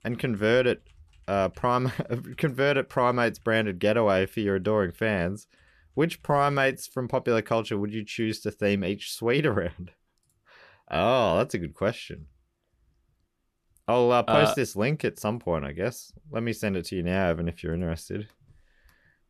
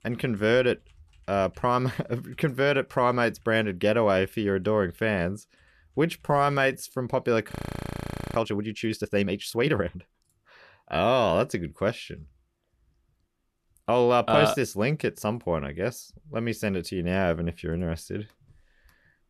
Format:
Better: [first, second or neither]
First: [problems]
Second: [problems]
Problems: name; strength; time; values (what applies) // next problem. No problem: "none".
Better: first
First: none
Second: audio freezing; at 7.5 s for 1 s